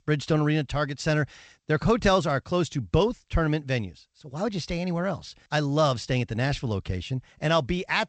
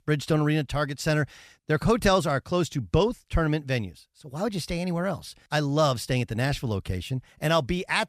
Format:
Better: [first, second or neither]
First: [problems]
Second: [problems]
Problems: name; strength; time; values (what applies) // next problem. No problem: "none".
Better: second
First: garbled, watery; slightly; nothing above 8 kHz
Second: none